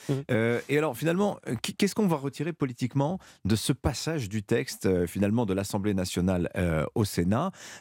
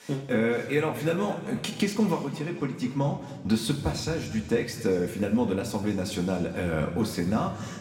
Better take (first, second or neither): first